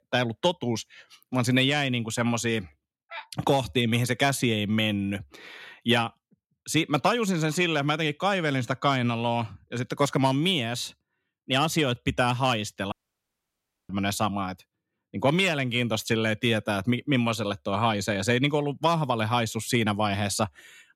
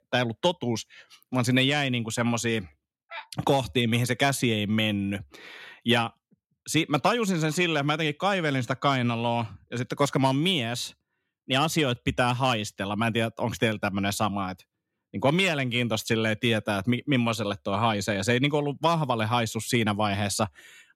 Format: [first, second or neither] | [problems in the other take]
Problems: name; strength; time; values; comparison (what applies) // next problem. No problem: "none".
second | audio cutting out; at 13 s for 1 s